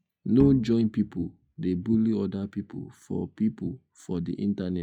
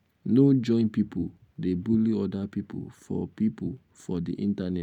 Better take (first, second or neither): second